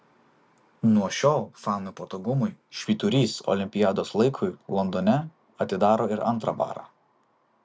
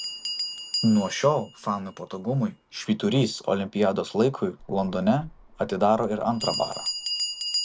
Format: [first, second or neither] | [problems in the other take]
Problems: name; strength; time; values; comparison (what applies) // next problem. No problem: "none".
first | background sound (Bell); 9 dB below the speech